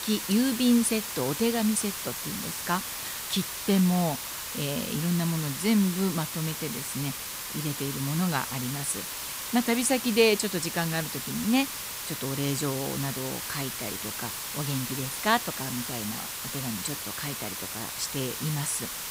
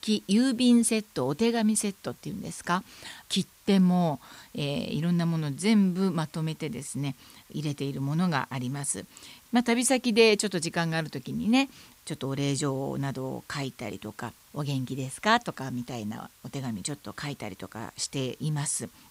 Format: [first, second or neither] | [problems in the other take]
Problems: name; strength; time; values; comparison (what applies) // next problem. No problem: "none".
second | hiss; loud; throughout; 4 dB below the speech; faint in the second